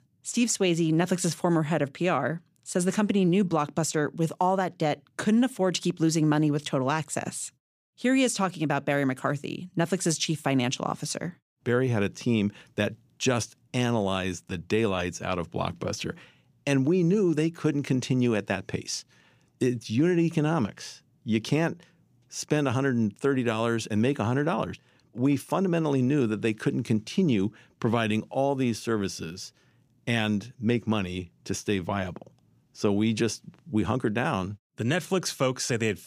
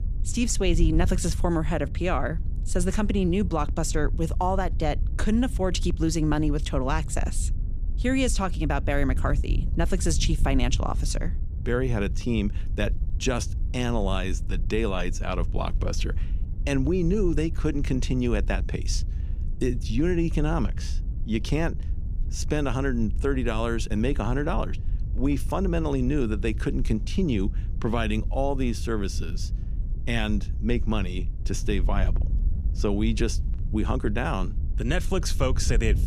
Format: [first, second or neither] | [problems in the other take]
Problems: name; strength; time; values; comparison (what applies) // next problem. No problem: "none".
first | wind noise on the microphone; occasional gusts; 20 dB below the speech